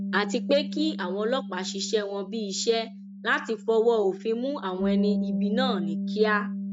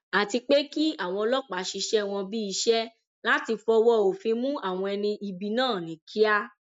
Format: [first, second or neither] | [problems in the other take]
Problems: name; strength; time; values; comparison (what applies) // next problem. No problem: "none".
second | background sound (Bass guitar); 4 dB below the speech